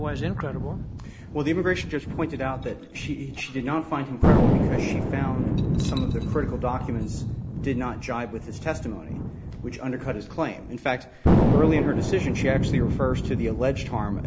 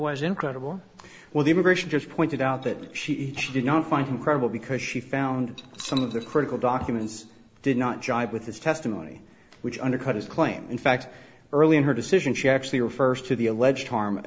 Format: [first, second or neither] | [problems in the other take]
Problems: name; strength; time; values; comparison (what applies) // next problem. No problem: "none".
second | background sound (Thunder); 3 dB above the speech